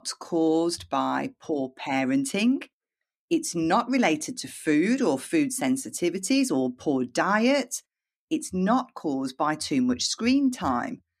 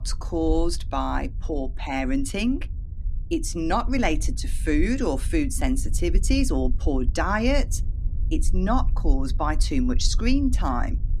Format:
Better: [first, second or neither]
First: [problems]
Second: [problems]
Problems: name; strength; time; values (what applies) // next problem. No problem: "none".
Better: first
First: none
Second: low rumble; faint; throughout; 20 dB below the speech